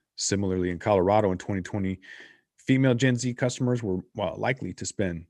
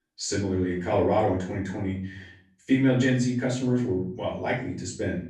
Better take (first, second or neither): first